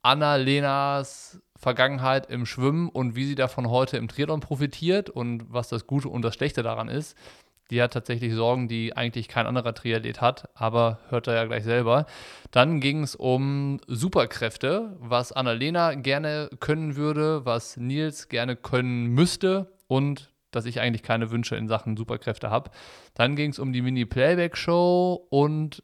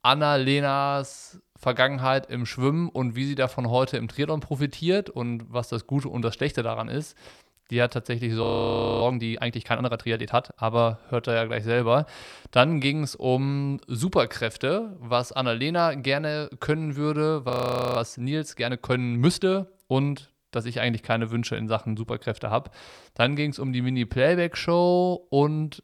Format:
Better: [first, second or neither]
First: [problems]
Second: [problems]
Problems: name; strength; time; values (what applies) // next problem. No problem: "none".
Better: first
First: none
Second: audio freezing; at 8.5 s for 0.5 s and at 18 s